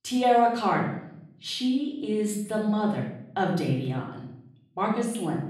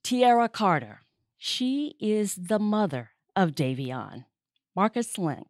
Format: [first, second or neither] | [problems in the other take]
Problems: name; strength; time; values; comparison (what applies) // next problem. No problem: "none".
second | off-mic speech; far // room echo; noticeable; dies away in 0.7 s